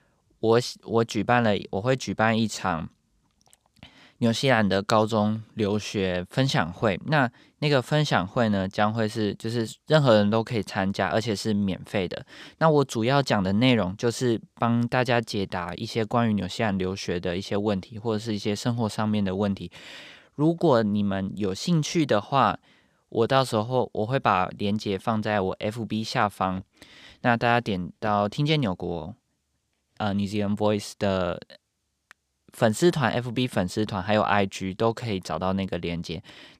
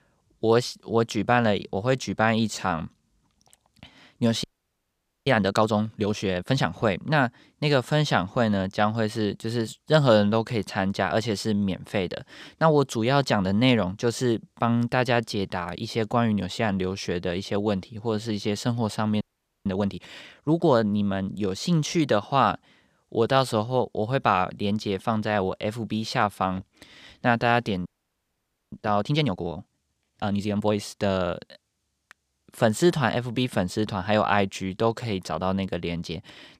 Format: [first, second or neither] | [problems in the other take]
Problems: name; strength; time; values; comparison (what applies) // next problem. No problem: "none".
first | audio freezing; at 4.5 s for 1 s, at 19 s and at 28 s for 1 s